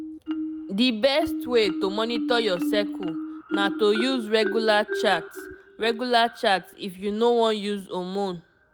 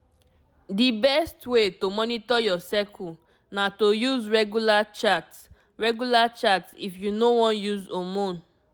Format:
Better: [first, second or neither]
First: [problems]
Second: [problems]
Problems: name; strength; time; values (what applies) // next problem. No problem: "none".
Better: second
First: background sound (Marimba, xylophone); 8 dB below the speech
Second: none